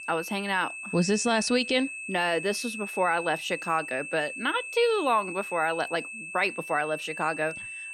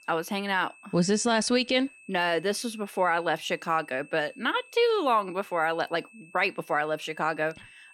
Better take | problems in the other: second | high-pitched whine; loud; throughout; 2.5 kHz, 8 dB below the speech; faint in the second

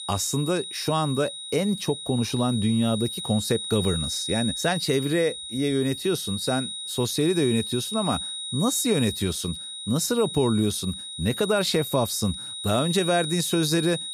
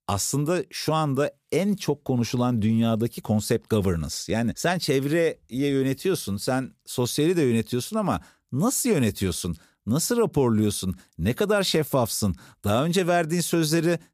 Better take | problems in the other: second | high-pitched whine; loud; throughout; 4 kHz, 6 dB below the speech

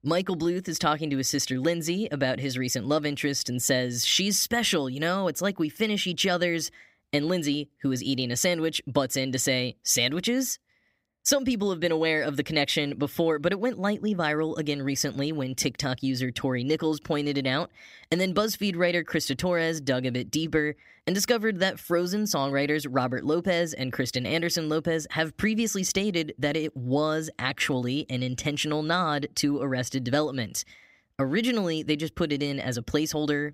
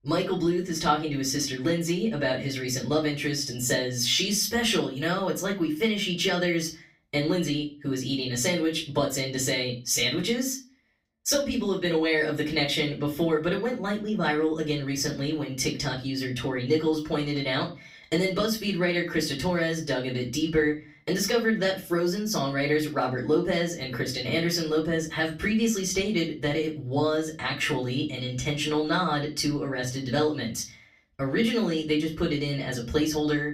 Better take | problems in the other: first | off-mic speech; far // room echo; very slight; dies away in 0.3 s

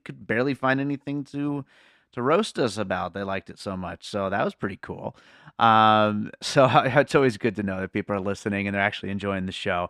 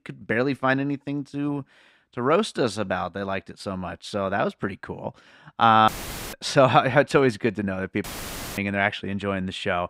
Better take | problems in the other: first | audio cutting out; filled with static; at 6 s and at 8 s for 0.5 s

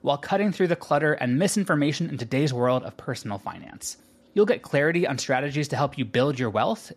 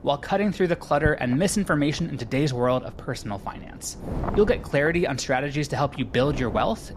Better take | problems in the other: first | wind noise on the microphone; occasional gusts; 15 dB below the speech

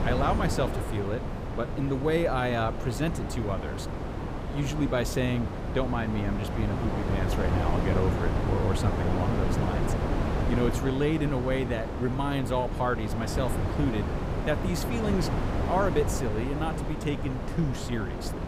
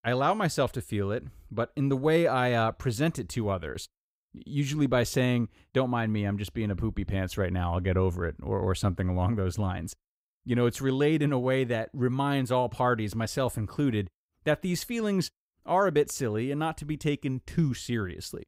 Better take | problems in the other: second | wind noise on the microphone; heavy; 3 dB below the speech

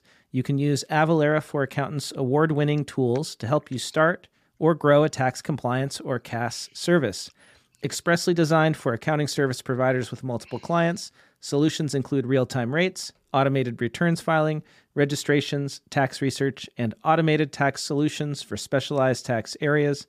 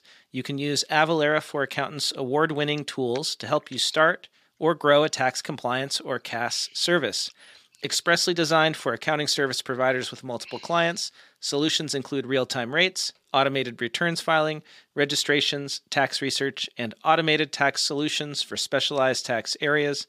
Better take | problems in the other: first | thin; very slightly; fading below 900 Hz

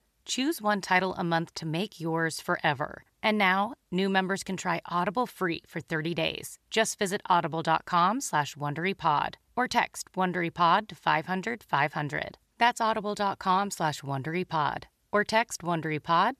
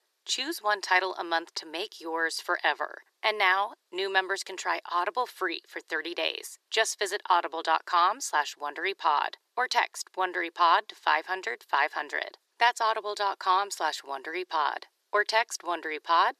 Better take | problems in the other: first | thin; very; fading below 350 Hz

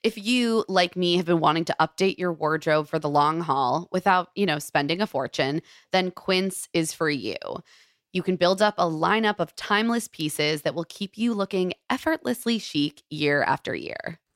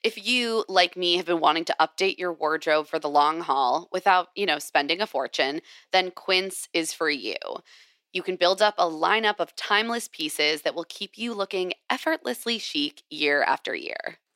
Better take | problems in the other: first | thin; somewhat; fading below 300 Hz

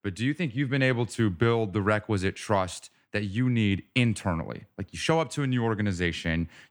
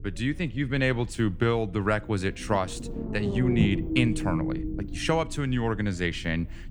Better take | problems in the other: first | low rumble; loud; throughout; 6 dB below the speech

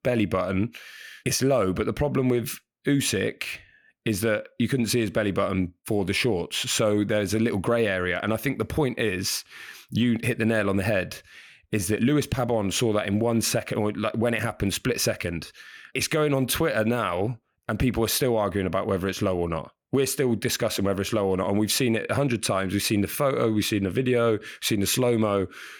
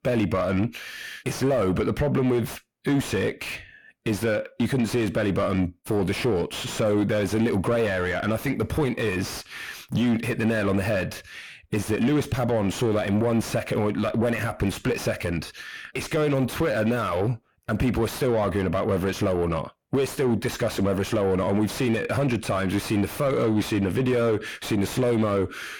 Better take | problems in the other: first | distortion; heavy; 8 dB below the speech

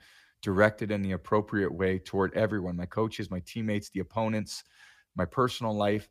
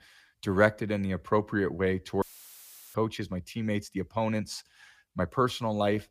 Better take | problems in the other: first | audio cutting out; filled with static; at 2 s for 0.5 s

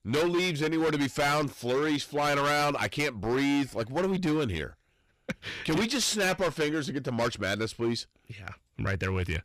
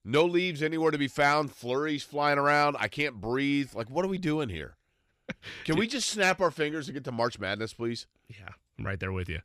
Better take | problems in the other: second | distortion; heavy; 16% of the sound clipped

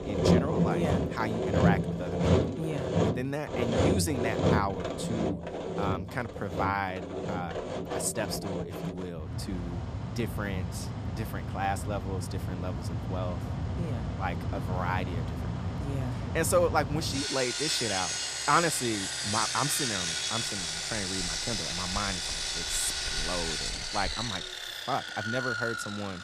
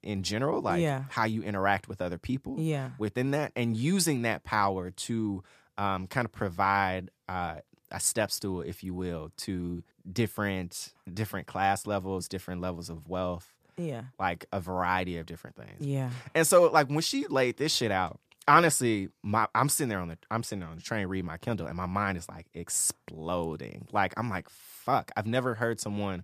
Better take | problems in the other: second | machinery noise; very loud; throughout; 2 dB above the speech

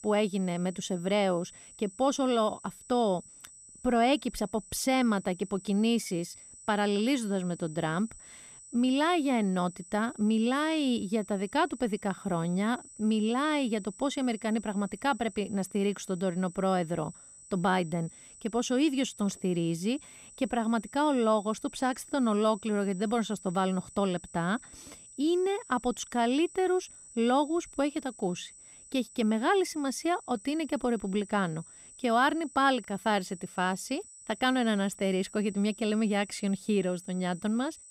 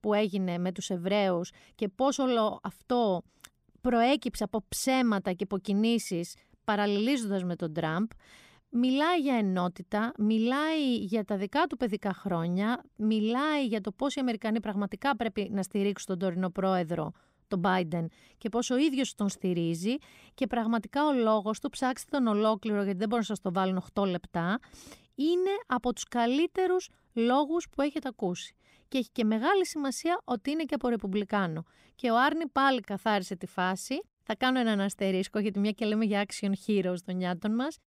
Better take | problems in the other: second | high-pitched whine; noticeable; throughout; 8 kHz, 20 dB below the speech

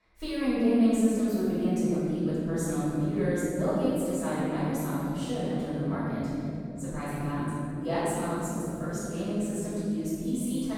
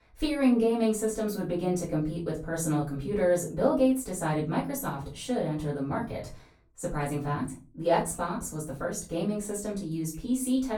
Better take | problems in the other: second | room echo; strong; dies away in 3 s; slight in the second // off-mic speech; far; far in the second

